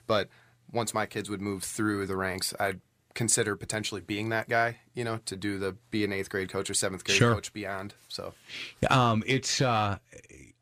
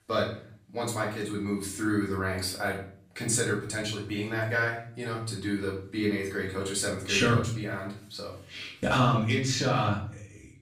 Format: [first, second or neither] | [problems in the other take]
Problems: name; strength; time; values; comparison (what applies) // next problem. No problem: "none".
first | off-mic speech; far // room echo; slight; dies away in 0.5 s